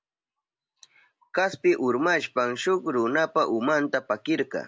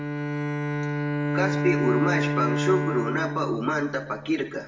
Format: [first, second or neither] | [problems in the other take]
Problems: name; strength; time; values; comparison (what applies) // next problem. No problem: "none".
first | background sound (Bowed string instrument); as loud as the speech // room echo; dies away in 0.7 s